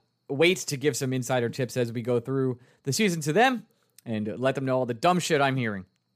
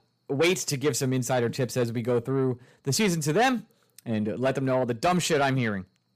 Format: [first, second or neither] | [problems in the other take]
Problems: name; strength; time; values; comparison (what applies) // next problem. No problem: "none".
first | distortion; slight; 10 dB below the speech